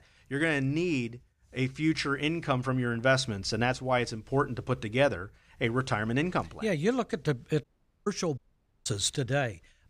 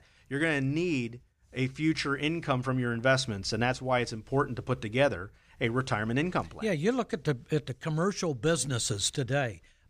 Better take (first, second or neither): second